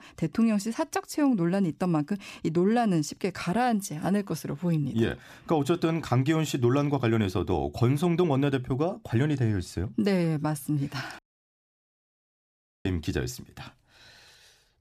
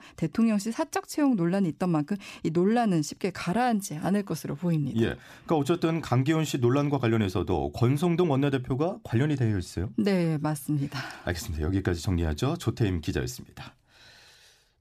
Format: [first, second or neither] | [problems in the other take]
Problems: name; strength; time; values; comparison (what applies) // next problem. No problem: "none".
second | audio cutting out; at 11 s for 1.5 s